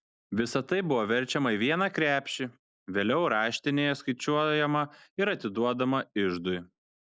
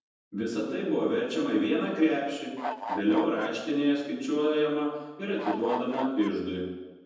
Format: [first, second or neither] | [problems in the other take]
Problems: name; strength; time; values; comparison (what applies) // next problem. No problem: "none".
first | background sound (Bird / Fowl); 7 dB below the speech // room echo; dies away in 1.1 s